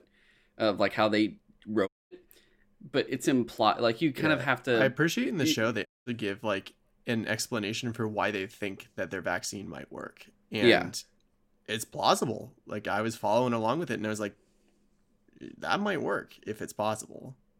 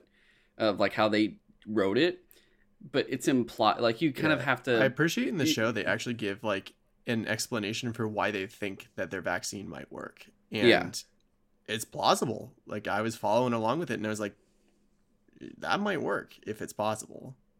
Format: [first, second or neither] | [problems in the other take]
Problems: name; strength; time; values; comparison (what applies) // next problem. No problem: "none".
second | audio cutting out; at 2 s and at 6 s